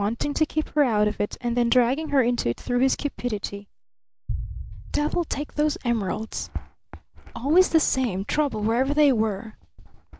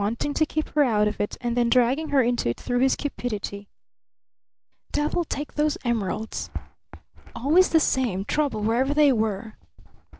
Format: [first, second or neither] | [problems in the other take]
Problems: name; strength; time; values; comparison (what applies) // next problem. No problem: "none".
second | background sound (Boom); 11 dB below the speech